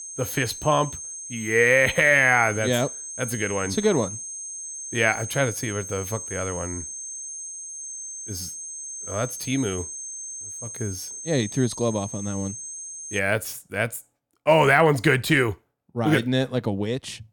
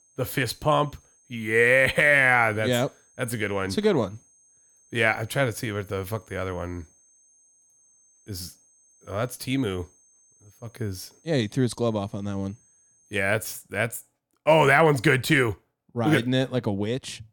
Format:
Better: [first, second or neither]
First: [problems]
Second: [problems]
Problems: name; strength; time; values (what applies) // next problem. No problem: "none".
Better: second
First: high-pitched whine; loud; until 13 s; 6.5 kHz, 10 dB below the speech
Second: high-pitched whine; faint; until 13 s; 6.5 kHz, 35 dB below the speech